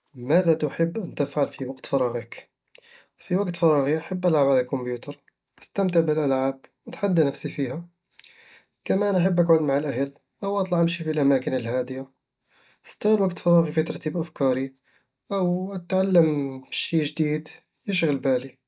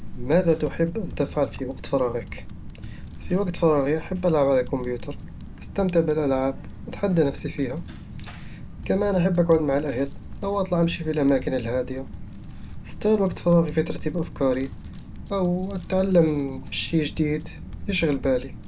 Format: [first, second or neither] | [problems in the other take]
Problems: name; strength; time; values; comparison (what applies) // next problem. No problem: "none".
first | background sound (Typing); 11 dB below the speech